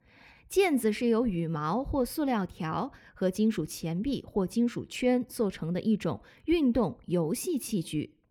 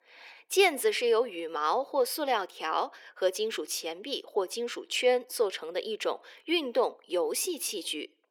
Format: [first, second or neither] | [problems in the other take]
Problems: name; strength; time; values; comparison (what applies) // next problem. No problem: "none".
first | thin; very; fading below 400 Hz